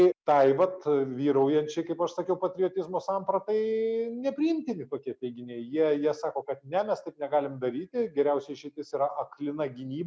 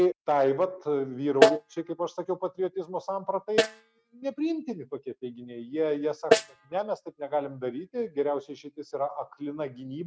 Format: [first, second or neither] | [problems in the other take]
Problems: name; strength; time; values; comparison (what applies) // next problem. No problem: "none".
first | noise reduction (neural mask model RNNoise)